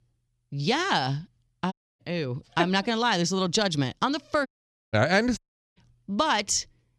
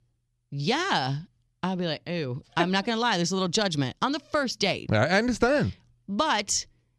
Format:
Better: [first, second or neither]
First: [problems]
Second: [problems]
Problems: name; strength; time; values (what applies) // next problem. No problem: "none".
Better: second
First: audio cutting out; at 1.5 s, at 4.5 s and at 5.5 s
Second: none